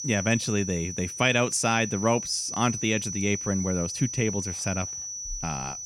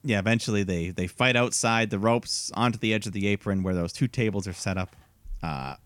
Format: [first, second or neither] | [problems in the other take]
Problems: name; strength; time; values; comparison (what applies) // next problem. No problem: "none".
second | high-pitched whine; loud; throughout; 6 kHz, 6 dB below the speech